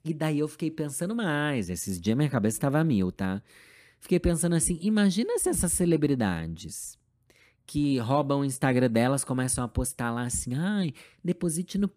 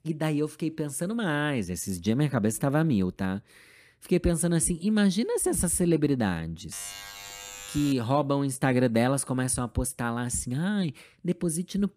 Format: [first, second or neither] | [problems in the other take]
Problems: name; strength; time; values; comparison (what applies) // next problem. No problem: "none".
first | alarm; faint; from 6.5 to 8 s; peak 10 dB below the speech